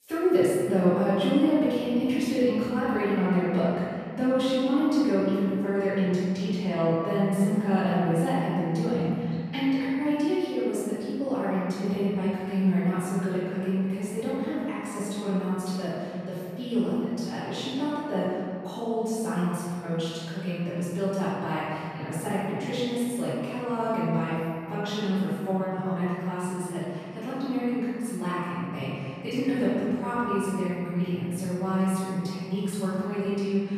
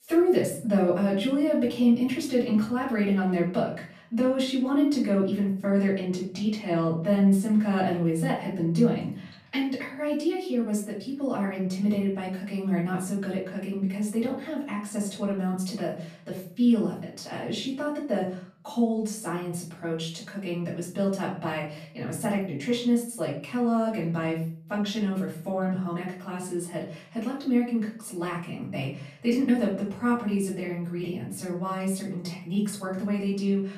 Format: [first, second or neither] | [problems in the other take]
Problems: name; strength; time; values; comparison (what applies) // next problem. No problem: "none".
second | room echo; strong; dies away in 2.4 s; slight in the second // off-mic speech; far; far in the second